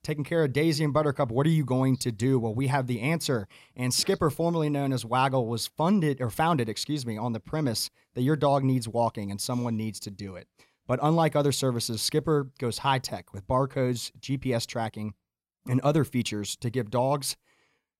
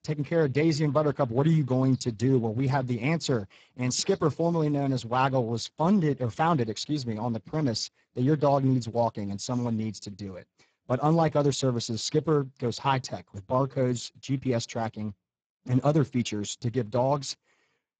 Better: first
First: none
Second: garbled, watery; badly; nothing above 7.5 kHz

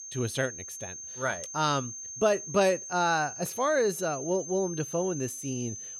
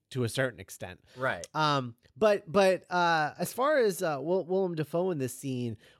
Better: second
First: high-pitched whine; loud; throughout; 6.5 kHz, 9 dB below the speech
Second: none

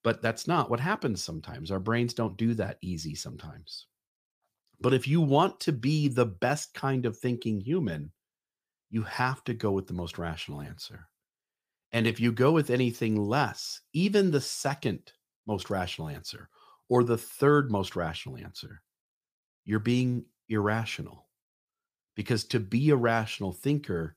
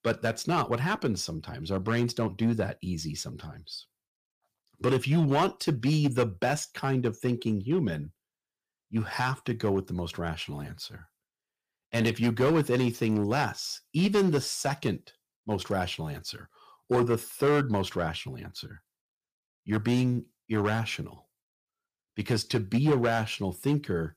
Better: first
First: none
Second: distortion; slight; 4% of the sound clipped

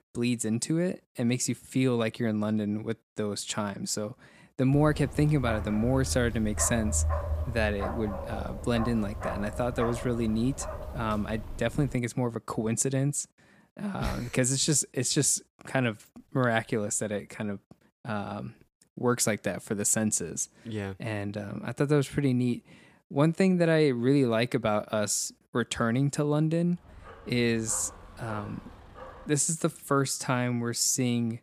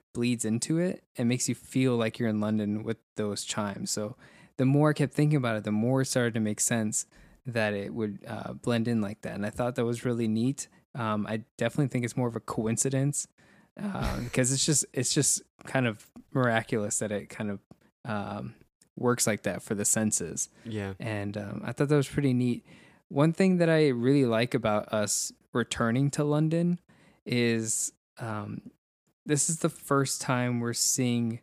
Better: second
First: dog barking; noticeable; from 4.5 to 12 s; peak 2 dB below the speech // dog barking; faint; from 27 to 29 s; peak 15 dB below the speech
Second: none

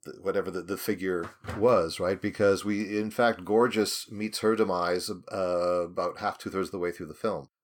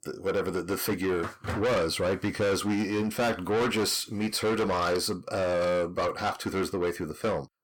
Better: first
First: none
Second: distortion; heavy; 6 dB below the speech

